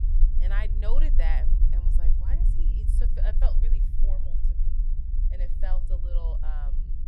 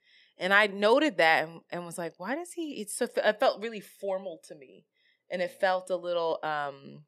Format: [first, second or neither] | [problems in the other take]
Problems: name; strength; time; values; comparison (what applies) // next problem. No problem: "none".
second | low rumble; loud; throughout; 7 dB below the speech